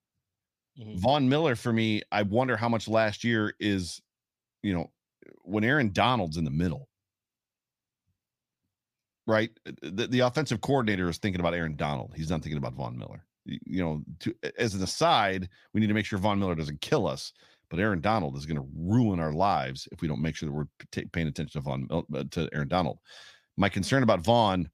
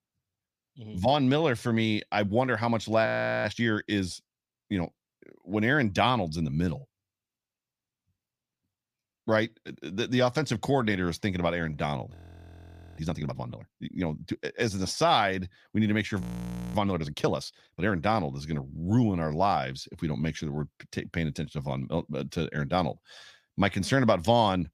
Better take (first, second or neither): first